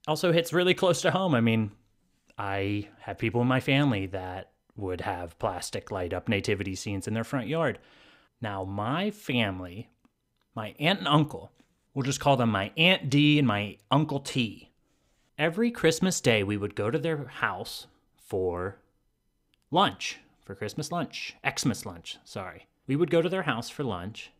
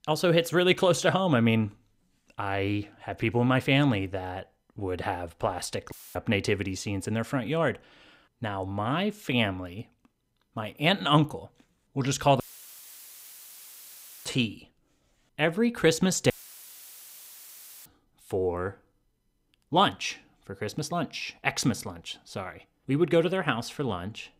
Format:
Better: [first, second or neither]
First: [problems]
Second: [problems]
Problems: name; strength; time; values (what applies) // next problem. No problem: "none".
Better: first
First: none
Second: audio cutting out; filled with static; at 6 s, at 12 s for 2 s and at 16 s for 1.5 s